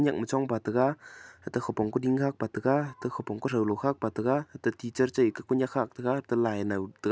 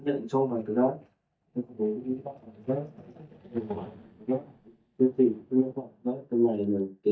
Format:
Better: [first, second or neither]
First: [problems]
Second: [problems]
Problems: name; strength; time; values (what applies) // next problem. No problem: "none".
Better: first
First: none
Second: noise reduction (neural mask model DeepFilterNet 3)